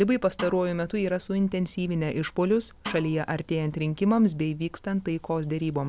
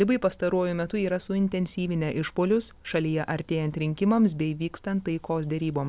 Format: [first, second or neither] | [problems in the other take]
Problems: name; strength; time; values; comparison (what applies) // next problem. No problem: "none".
second | background sound (Snare drum); 17 dB below the speech